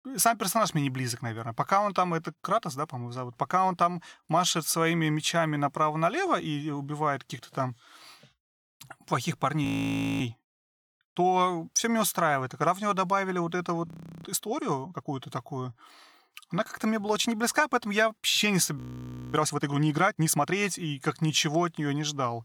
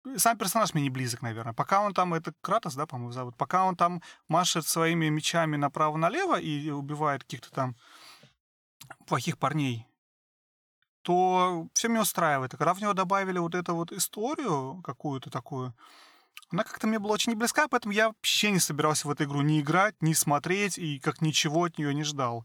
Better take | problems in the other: second | audio freezing; at 9.5 s for 0.5 s, at 14 s and at 19 s for 0.5 s

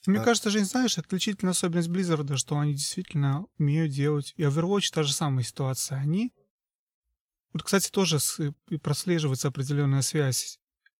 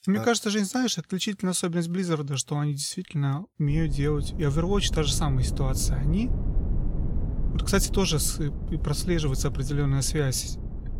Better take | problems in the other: first | low rumble; noticeable; from 3.5 s on; 15 dB below the speech

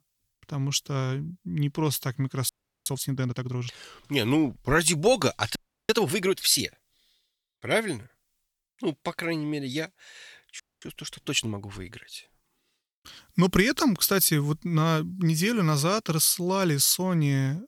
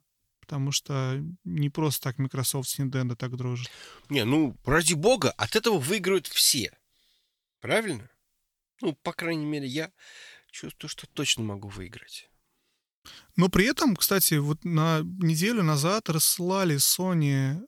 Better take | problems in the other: second | audio freezing; at 2.5 s, at 5.5 s and at 11 s

